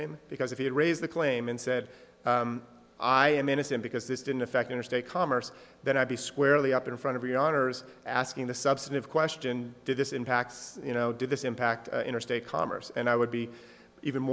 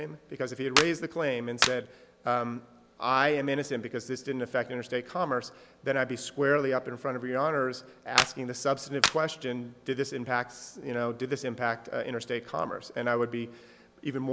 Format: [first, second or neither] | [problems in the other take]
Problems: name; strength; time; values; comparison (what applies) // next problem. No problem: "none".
first | background sound (Clapping); 1 dB below the speech